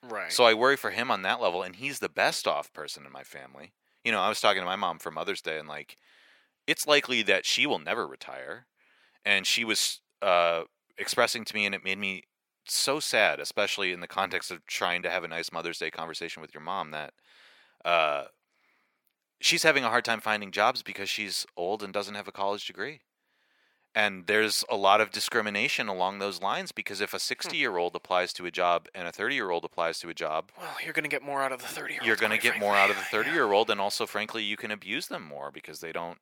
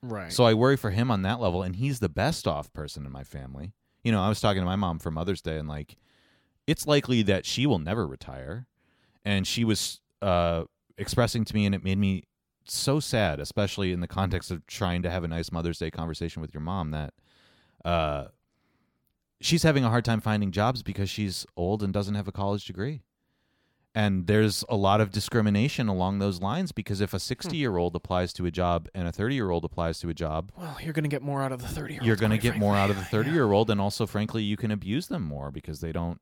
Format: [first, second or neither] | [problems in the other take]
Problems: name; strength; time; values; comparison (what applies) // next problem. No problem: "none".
second | thin; very; fading below 550 Hz